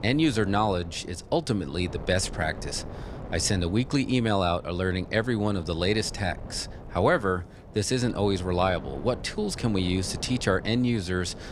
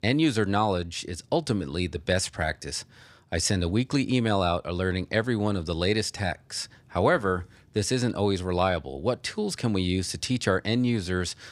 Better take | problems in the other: second | wind noise on the microphone; occasional gusts; 15 dB below the speech

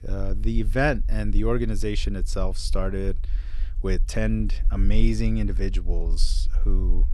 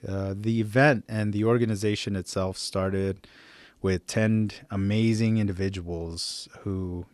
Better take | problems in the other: second | low rumble; faint; throughout; 25 dB below the speech

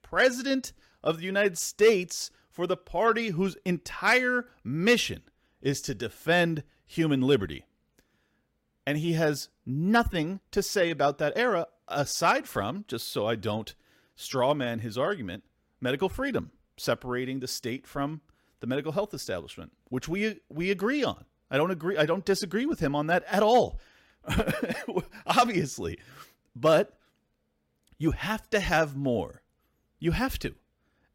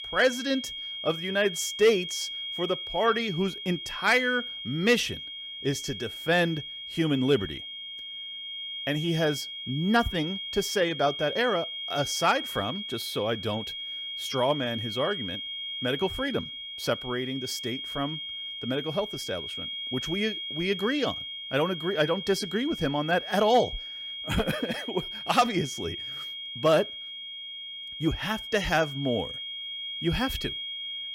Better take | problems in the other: first | high-pitched whine; loud; throughout; 3.5 kHz, 6 dB below the speech

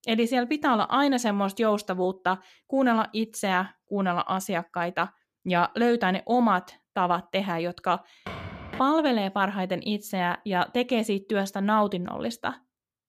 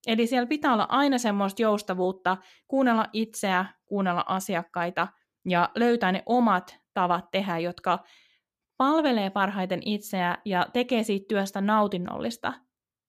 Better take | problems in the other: second | footsteps; faint; at 8.5 s; peak 10 dB below the speech

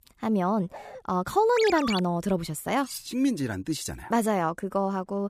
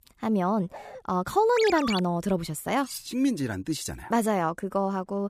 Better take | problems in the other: neither | dog barking; faint; at 0.5 s; peak 15 dB below the speech; the same in both // phone ringing; noticeable; at 1.5 s; peak 4 dB below the speech; the same in both // clattering dishes; faint; at 3 s; peak 10 dB below the speech; the same in both

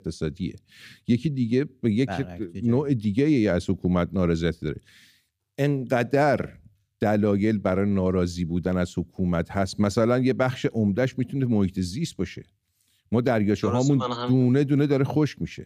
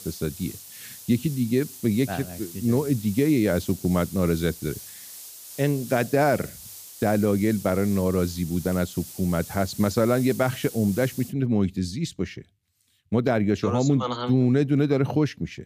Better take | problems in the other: first | hiss; noticeable; until 11 s; 15 dB below the speech

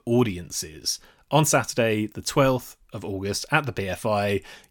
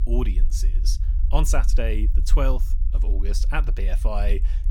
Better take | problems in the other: first | low rumble; noticeable; throughout; 15 dB below the speech

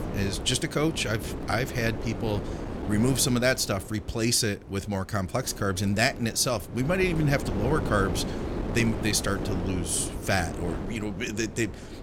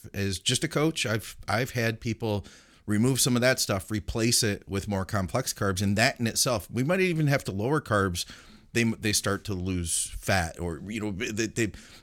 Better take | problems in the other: second | wind noise on the microphone; heavy; 10 dB below the speech

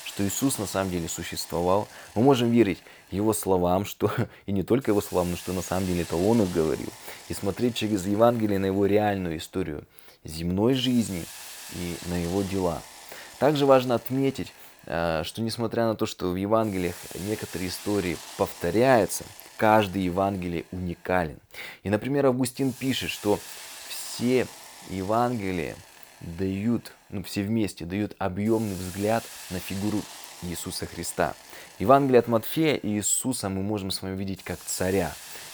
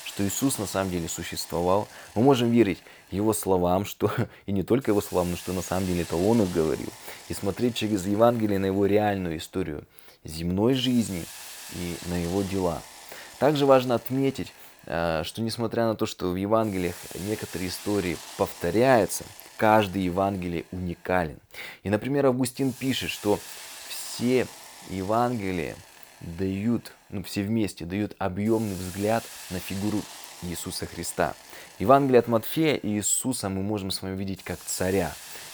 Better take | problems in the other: neither | hiss; noticeable; throughout; 15 dB below the speech; the same in both

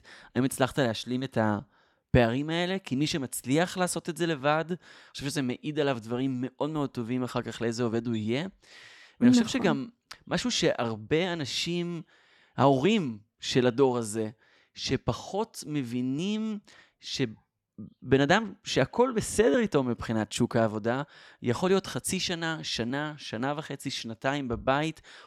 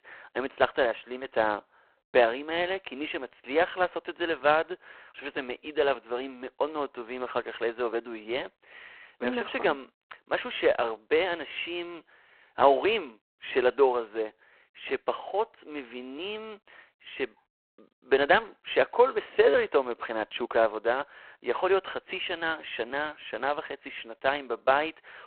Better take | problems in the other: first | phone-call audio; poor line

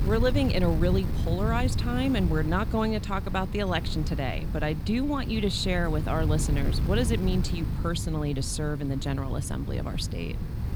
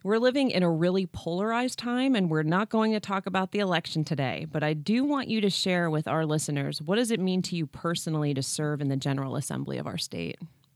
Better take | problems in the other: second | wind noise on the microphone; occasional gusts; 10 dB below the speech

